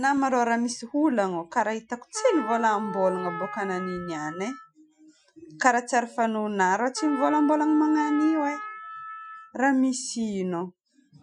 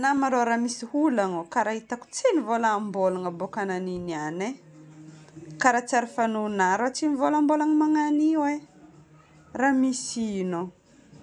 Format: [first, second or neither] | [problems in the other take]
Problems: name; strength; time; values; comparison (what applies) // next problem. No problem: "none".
second | noise reduction (classical method Wiener filter)